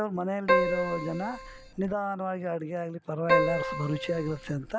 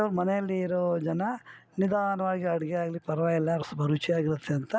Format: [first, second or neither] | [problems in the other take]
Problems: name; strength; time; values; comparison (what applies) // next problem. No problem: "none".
second | background sound (Keyboard (musical)); 2 dB above the speech